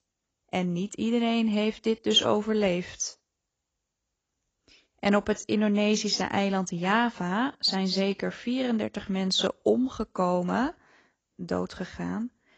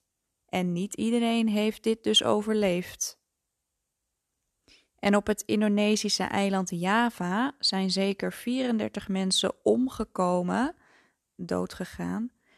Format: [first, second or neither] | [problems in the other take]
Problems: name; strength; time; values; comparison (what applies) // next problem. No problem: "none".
second | garbled, watery; badly; nothing above 7.5 kHz